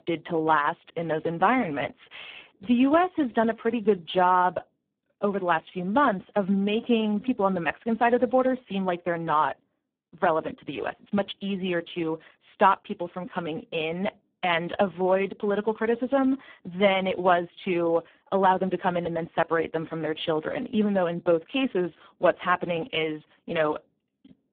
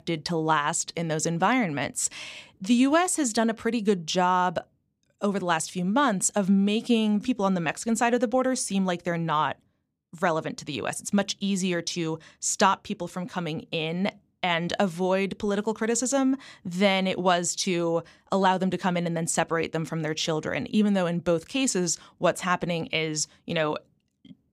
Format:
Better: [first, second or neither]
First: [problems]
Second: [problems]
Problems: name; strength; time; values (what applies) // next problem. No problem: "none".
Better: second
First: phone-call audio; poor line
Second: none